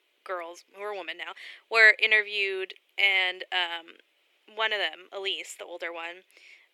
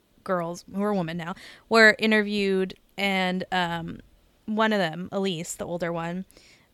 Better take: second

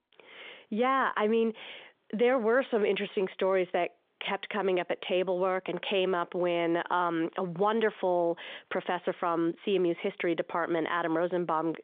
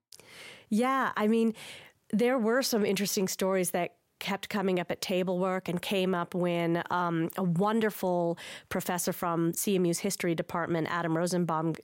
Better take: second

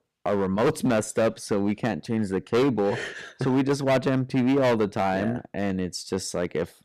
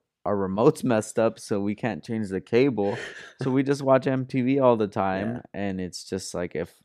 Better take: second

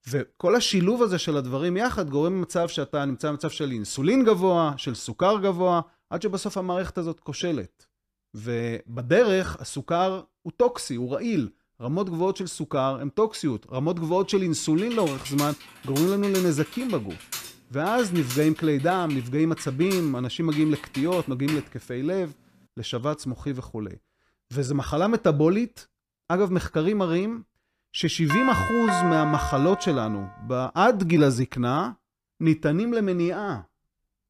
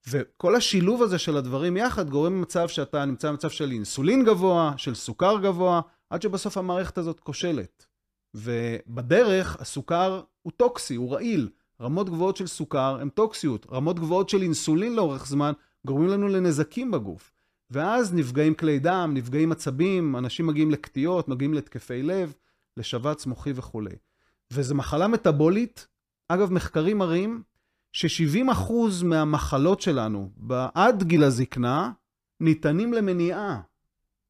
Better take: second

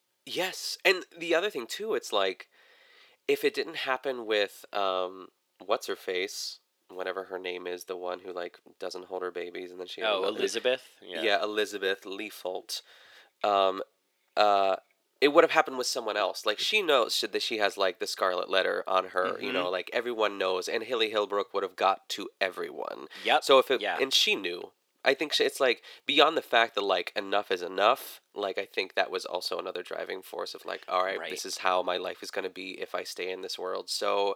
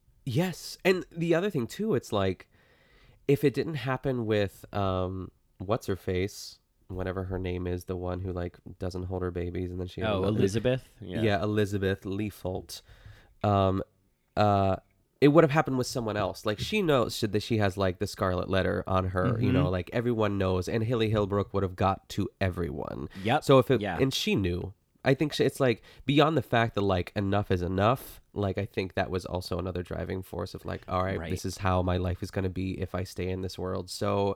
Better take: second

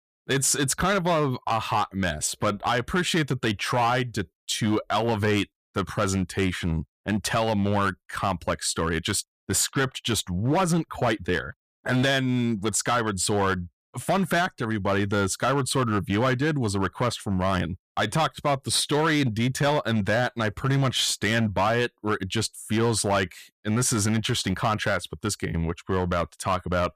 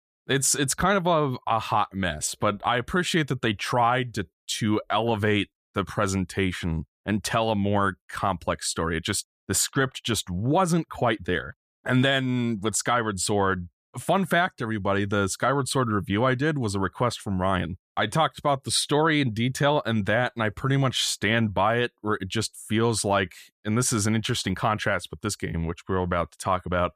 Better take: second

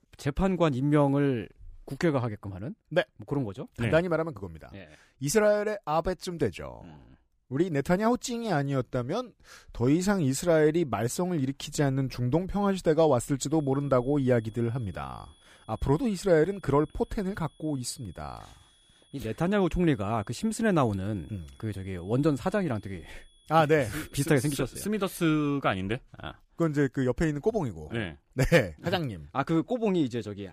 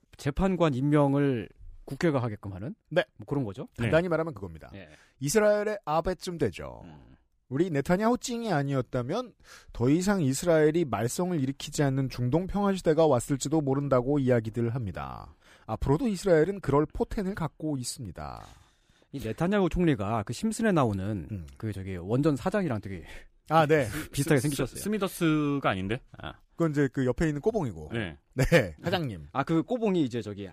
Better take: second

